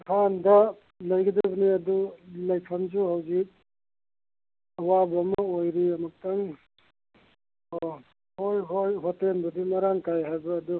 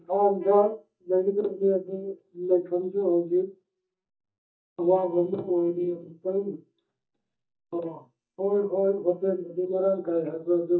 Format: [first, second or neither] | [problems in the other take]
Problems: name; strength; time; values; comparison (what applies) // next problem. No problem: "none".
first | noise reduction (neural mask model DeepFilterNet 3)